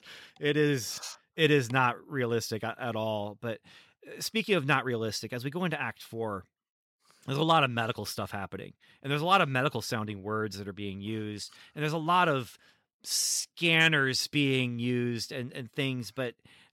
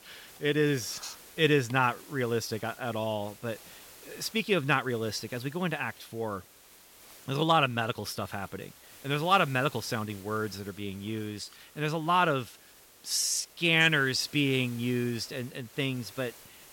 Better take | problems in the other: first | hiss; faint; throughout; 20 dB below the speech

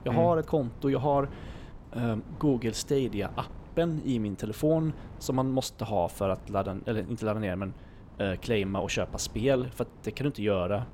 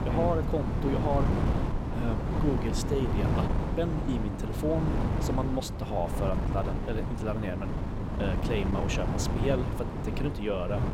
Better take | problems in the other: first | wind noise on the microphone; heavy; 3 dB below the speech; occasional gusts in the first

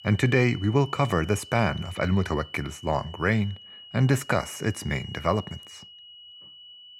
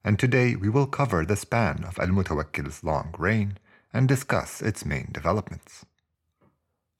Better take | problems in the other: second | high-pitched whine; noticeable; throughout; 3 kHz, 15 dB below the speech

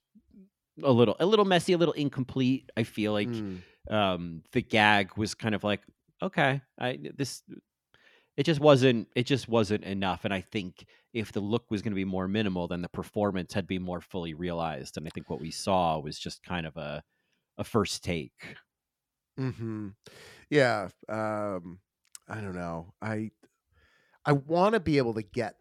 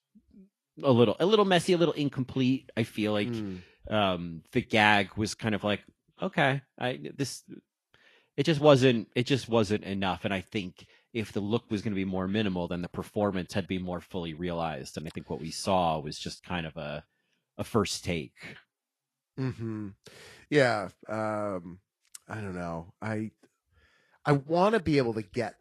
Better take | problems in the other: first | garbled, watery; slightly; nothing above 11.5 kHz

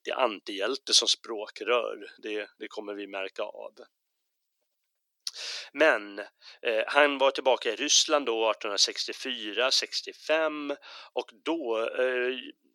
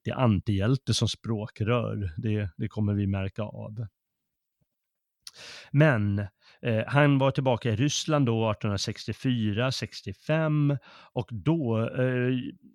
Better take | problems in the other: second | thin; very; fading below 350 Hz

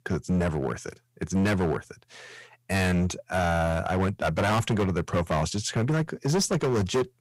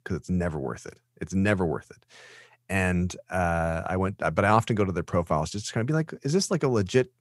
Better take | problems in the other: second | distortion; heavy; 15% of the sound clipped

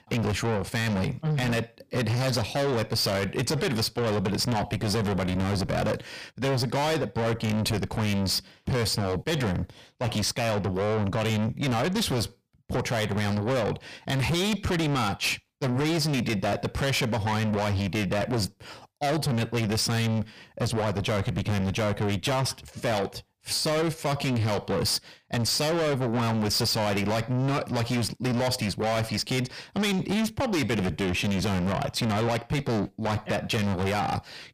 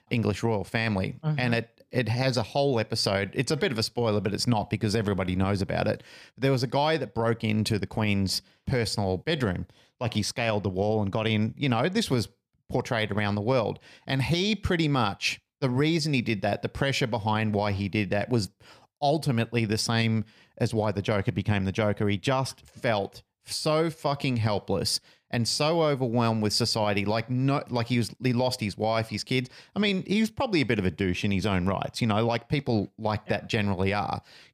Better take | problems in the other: second | distortion; heavy; 5 dB below the speech

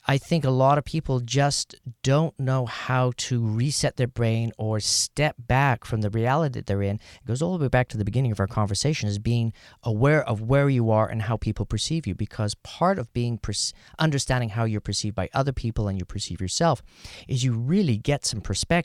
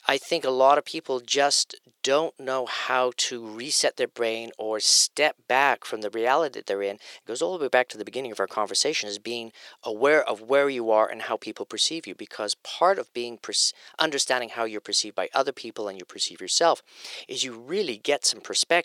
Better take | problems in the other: first | thin; very; fading below 350 Hz

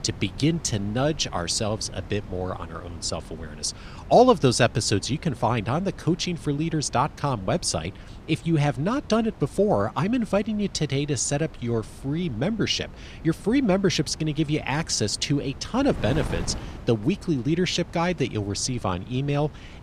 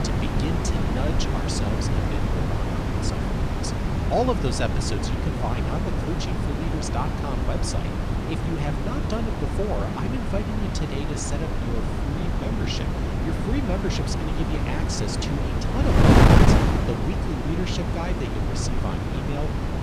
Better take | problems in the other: first | wind noise on the microphone; heavy; 3 dB above the speech; occasional gusts in the first

